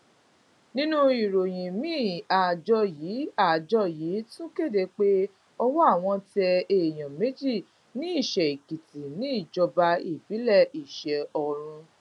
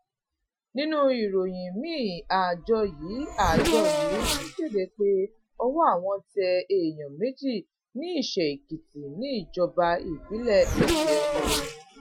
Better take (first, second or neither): first